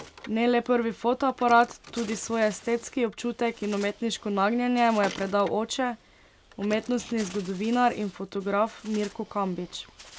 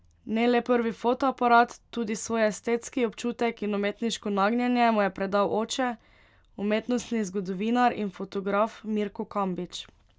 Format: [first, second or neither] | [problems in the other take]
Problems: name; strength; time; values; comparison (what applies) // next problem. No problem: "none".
second | background sound (Bird); 19 dB below the speech